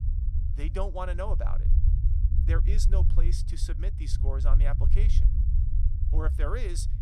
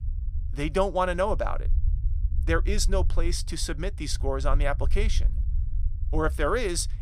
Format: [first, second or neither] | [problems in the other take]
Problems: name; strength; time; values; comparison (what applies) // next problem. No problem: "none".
second | low rumble; loud; throughout; 8 dB below the speech; faint in the second